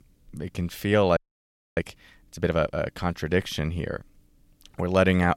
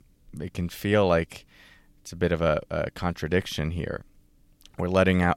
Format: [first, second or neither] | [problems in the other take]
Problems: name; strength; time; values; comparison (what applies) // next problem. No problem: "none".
second | audio freezing; at 1 s for 0.5 s